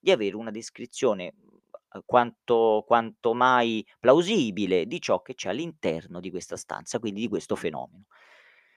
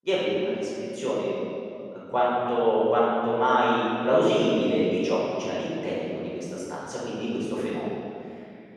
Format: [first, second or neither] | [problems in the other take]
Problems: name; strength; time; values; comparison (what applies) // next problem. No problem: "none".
first | room echo; strong; dies away in 2.3 s // off-mic speech; far